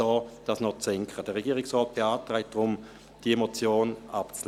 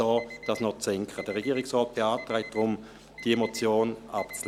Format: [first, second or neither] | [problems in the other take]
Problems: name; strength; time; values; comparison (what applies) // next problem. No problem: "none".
first | background sound (Alarm); 18 dB below the speech